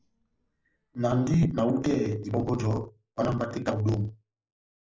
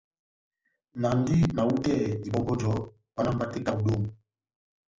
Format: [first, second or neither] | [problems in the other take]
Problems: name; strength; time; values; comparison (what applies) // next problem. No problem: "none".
second | noise reduction (neural mask model Resemble Enhance denoiser)